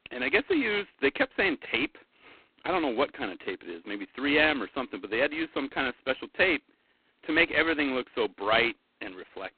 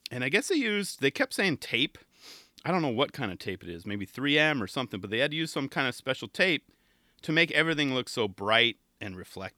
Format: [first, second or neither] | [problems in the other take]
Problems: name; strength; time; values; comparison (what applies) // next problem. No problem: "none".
second | phone-call audio; poor line; nothing above 4 kHz